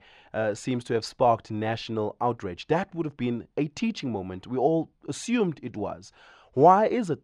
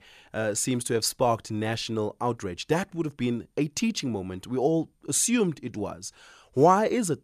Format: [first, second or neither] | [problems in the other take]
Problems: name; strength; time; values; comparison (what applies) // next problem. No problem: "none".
second | muffled; slightly; fading above 3.5 kHz